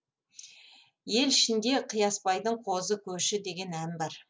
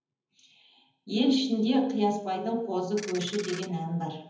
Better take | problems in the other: first | background sound (Ratchet, pawl); 12 dB below the speech // room echo; dies away in 0.8 s

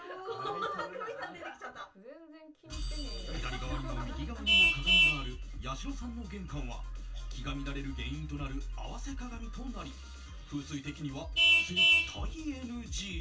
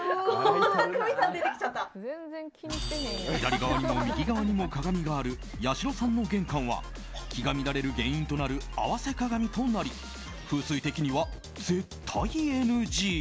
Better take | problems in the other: second | background sound (Vehicle horn, car horn, honking); 4 dB above the speech // room echo; dies away in 0.2 s

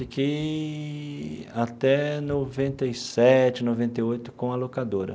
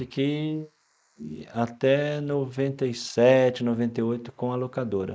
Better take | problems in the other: first | noise reduction (neural mask model Resemble Enhance denoiser)

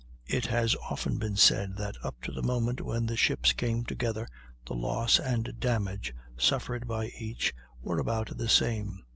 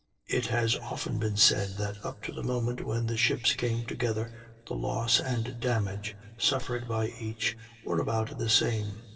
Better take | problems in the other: first | noise reduction (neural separator model SepFormer DNS4)

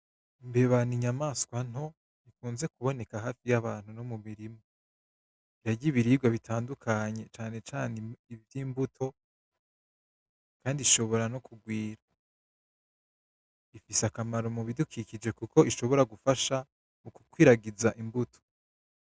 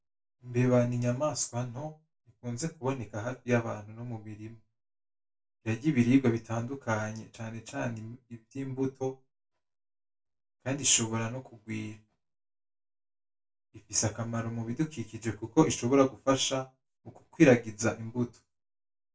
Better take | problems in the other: first | room echo; dies away in 0.2 s

